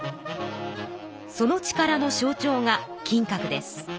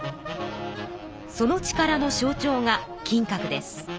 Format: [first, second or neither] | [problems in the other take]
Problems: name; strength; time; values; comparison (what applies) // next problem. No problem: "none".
first | background sound (Wind); 16 dB below the speech